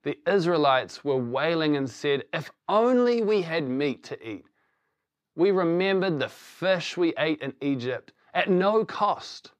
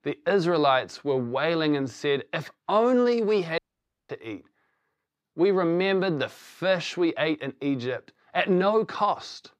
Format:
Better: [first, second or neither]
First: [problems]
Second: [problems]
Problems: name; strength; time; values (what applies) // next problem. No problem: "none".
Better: first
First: none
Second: audio cutting out; at 3.5 s for 0.5 s